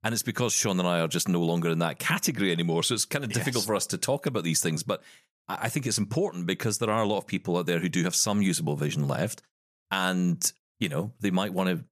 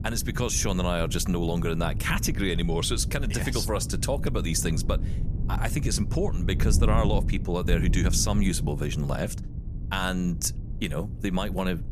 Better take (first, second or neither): first